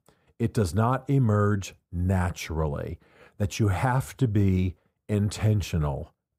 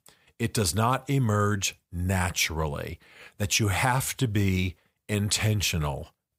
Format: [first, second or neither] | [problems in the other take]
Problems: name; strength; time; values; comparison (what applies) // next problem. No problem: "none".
second | muffled; slightly; fading above 1 kHz